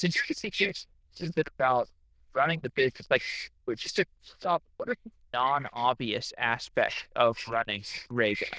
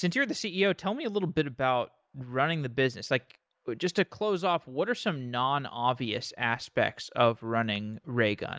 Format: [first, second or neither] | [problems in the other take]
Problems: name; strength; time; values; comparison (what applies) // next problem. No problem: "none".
second | noise reduction (neural diffusion model UNIVERSE++)